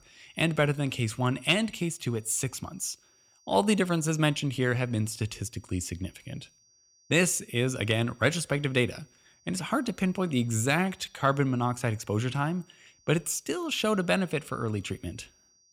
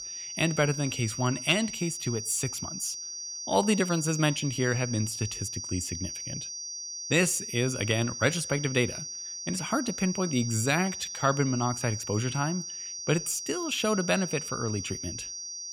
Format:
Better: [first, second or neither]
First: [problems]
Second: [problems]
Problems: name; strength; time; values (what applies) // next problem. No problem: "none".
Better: first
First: high-pitched whine; faint; throughout; 6 kHz, 35 dB below the speech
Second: high-pitched whine; loud; throughout; 6 kHz, 6 dB below the speech